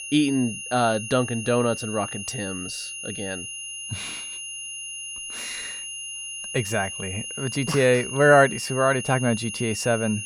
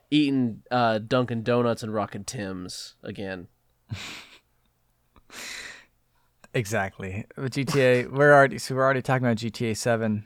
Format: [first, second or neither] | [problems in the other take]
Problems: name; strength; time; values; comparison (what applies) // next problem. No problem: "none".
second | high-pitched whine; loud; throughout; 3 kHz, 8 dB below the speech